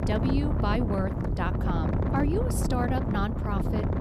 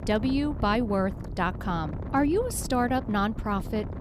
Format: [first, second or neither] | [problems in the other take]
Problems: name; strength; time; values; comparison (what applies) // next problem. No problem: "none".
second | wind noise on the microphone; heavy; 3 dB below the speech; occasional gusts in the second